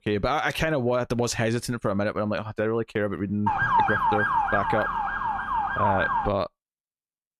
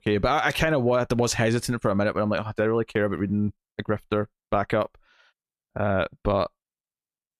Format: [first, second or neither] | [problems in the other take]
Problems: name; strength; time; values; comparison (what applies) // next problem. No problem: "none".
second | siren; loud; from 3.5 to 6.5 s; peak 6 dB above the speech